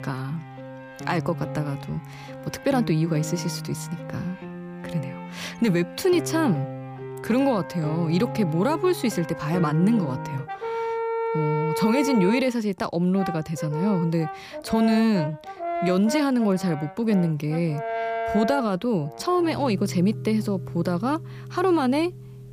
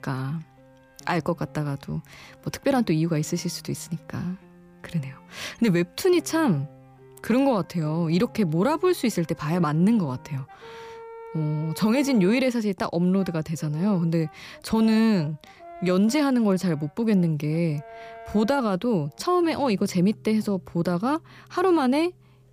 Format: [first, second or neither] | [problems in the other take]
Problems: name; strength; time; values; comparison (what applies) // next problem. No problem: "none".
second | background music; loud; throughout; 8 dB below the speech; faint in the second